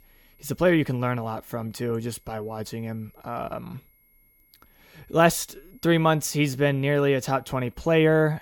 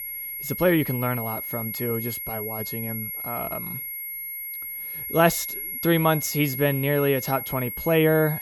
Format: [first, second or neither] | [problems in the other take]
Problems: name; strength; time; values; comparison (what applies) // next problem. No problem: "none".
first | high-pitched whine; loud; throughout; 11.5 kHz, 5 dB below the speech; faint in the first